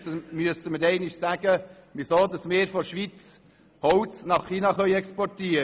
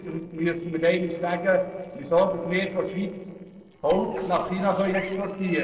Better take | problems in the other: first | noise reduction (neural separator model SepFormer DNS4)

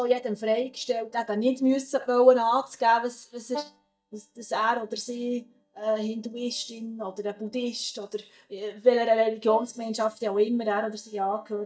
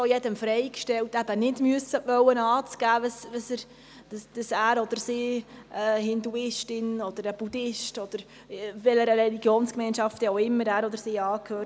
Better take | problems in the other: second | noise reduction (neural mask model DeepFilterNet 3)

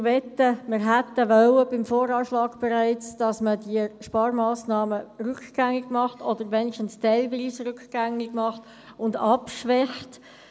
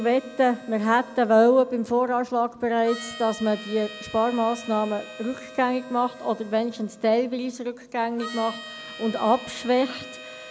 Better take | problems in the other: first | background sound (Harmonica); 17 dB below the speech

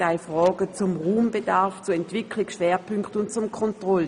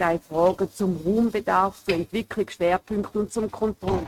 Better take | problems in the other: first | noise reduction (neural mask model RNNoise)

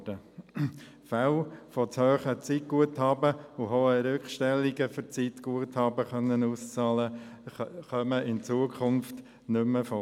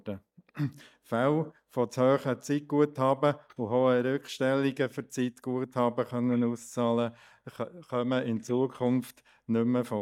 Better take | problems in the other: first | noise reduction (neural mask model DeepFilterNet 3)

